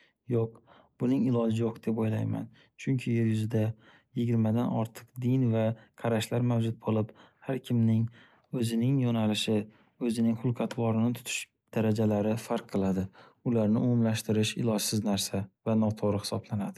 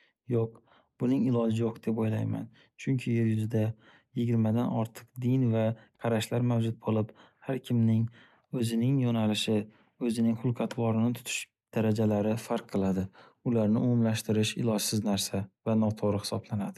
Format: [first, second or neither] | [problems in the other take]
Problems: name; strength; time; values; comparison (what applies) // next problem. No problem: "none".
first | noise reduction (neural mask model DeepFilterNet 3)